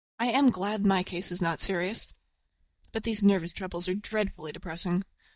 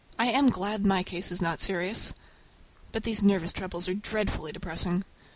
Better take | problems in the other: second | noise reduction (neural mask model DeepFilterNet 3)

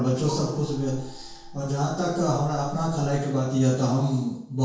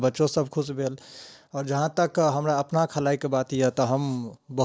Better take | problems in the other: second | background sound (Gong); 16 dB below the speech // room echo; dies away in 0.6 s

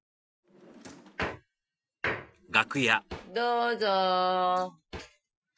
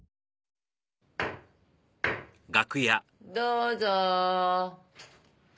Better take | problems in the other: second | noise reduction (classical method Wiener filter)

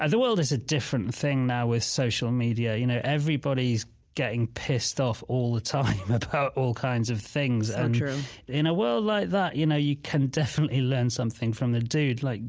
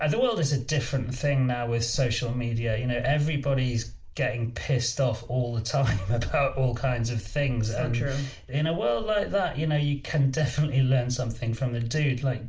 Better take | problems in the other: first | background sound (Dog); 14 dB below the speech // room echo; dies away in 0.4 s

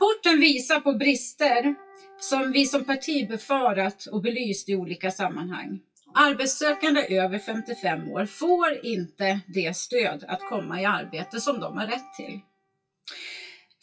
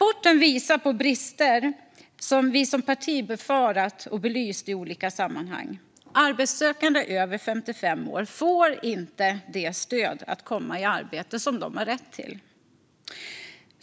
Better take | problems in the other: second | noise reduction (classical method WPE with log-MMSE)

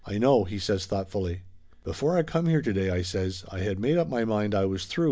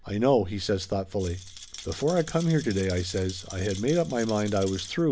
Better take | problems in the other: first | background sound (Rattle); 17 dB below the speech

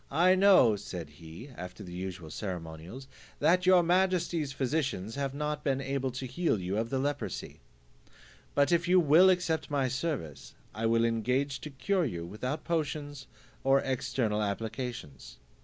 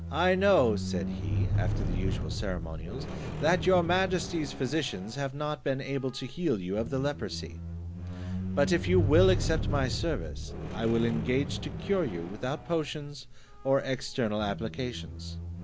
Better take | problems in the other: first | background sound (Squeak); 4 dB below the speech

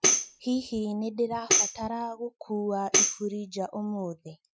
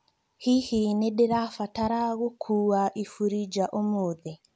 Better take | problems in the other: second | noise reduction (classical method Wiener filter)

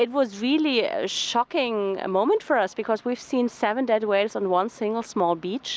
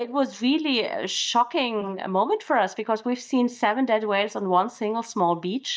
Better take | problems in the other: first | noise reduction (neural mask model DeepFilterNet 3)

